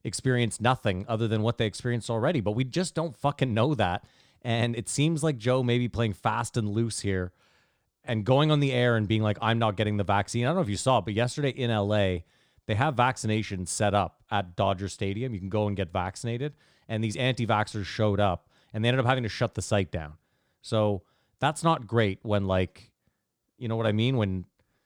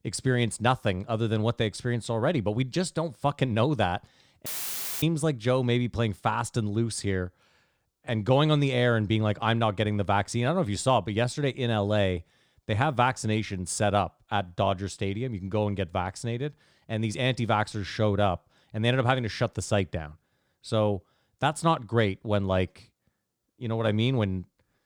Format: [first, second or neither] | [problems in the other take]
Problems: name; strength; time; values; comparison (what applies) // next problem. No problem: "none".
first | audio cutting out; filled with static; at 4.5 s for 0.5 s